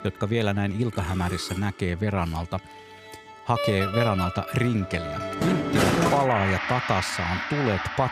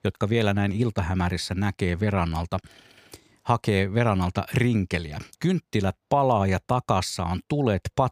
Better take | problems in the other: second | background music; loud; throughout; 2 dB below the speech

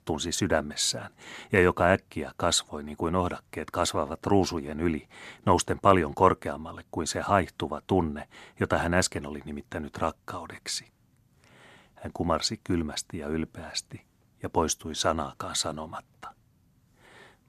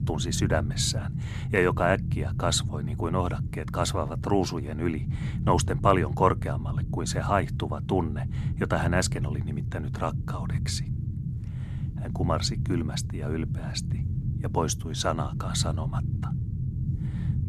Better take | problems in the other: first | low rumble; noticeable; throughout; 15 dB below the speech

